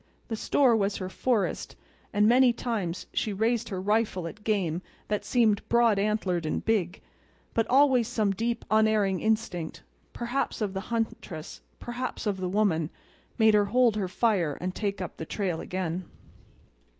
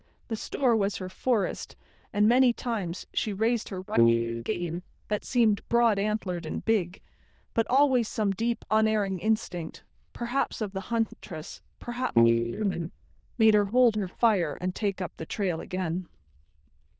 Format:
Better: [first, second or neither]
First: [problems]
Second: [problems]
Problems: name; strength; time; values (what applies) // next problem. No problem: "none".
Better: first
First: none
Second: noise reduction (neural diffusion model UNIVERSE++)